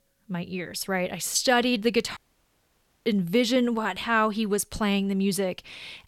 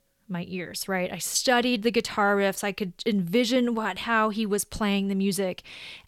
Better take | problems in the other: second | audio cutting out; at 2 s for 1 s

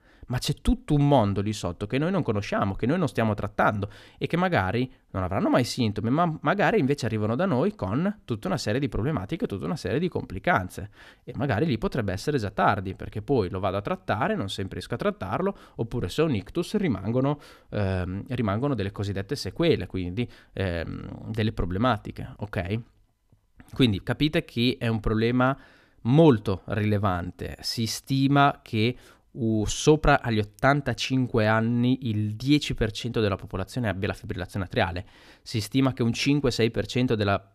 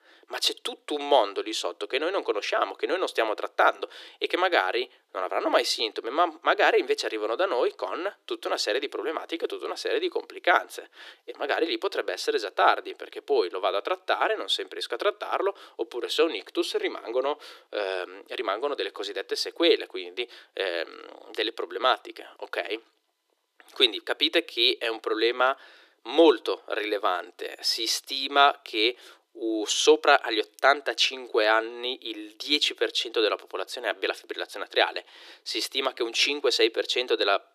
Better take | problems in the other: first | thin; very; fading below 350 Hz

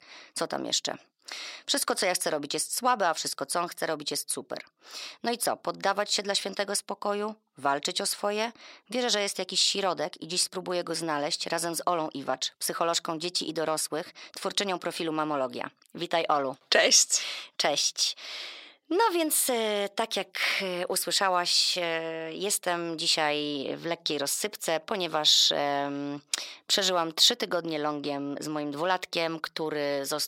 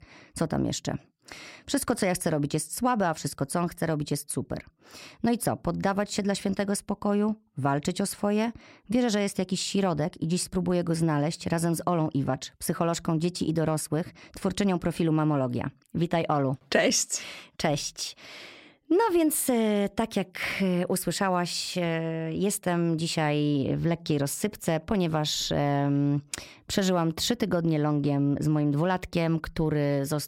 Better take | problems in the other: second | thin; somewhat; fading below 500 Hz

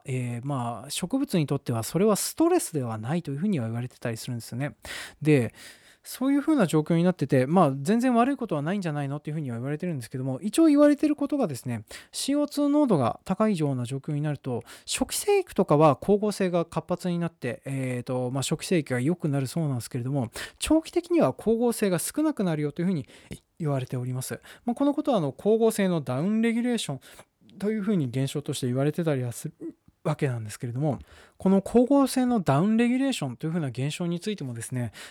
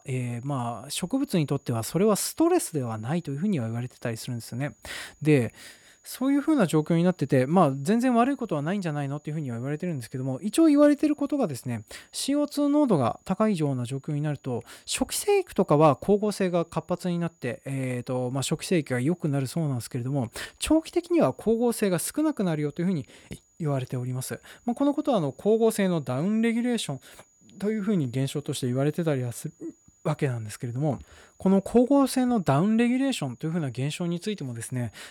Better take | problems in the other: first | high-pitched whine; faint; throughout; 7 kHz, 35 dB below the speech

